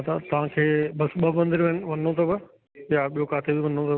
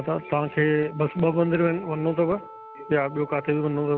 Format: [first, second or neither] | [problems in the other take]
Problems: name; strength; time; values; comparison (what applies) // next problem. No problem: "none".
first | background sound (Wind instrument, woodwind instrument); 19 dB below the speech